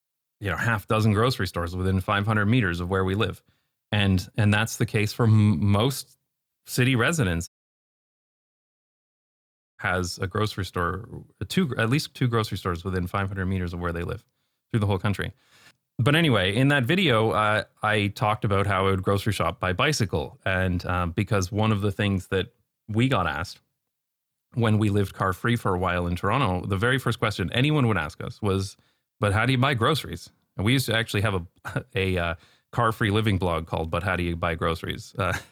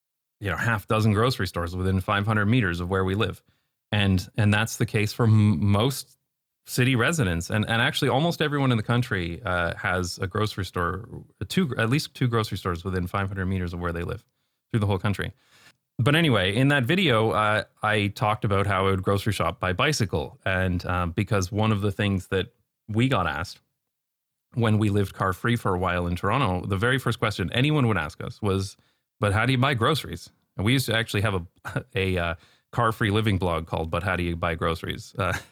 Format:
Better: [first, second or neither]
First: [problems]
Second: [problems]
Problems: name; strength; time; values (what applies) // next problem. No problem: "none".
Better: second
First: audio cutting out; at 7.5 s for 2.5 s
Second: none